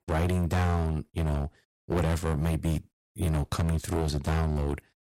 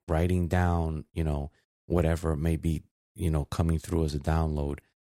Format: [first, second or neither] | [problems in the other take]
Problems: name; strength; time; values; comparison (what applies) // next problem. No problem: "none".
second | distortion; heavy; 14% of the sound clipped